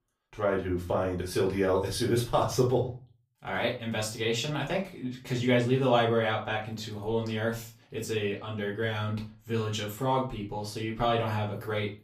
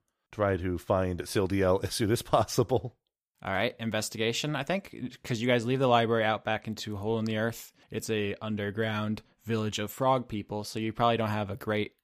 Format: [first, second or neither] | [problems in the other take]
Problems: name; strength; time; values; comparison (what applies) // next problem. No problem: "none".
second | off-mic speech; far // room echo; slight; dies away in 0.3 s